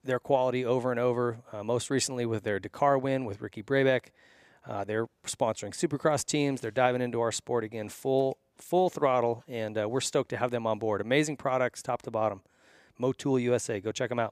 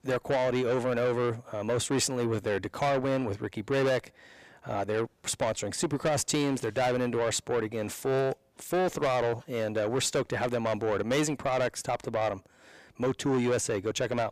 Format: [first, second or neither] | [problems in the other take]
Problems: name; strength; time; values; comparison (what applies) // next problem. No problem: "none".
first | distortion; heavy; 7 dB below the speech